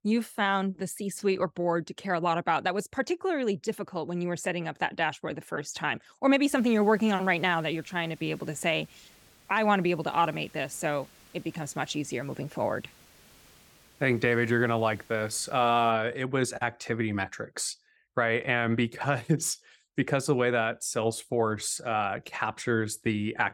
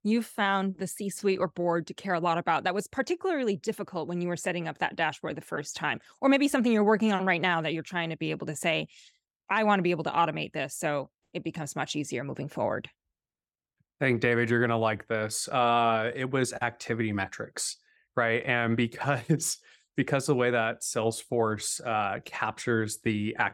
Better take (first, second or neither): second